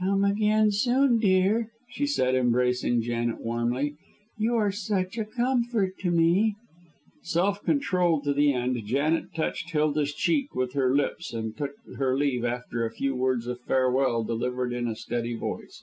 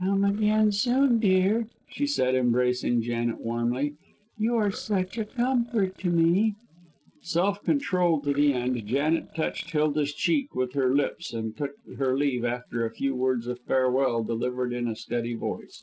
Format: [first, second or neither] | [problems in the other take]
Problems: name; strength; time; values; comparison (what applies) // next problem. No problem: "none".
first | noise reduction (neural separator model SepFormer DNS4)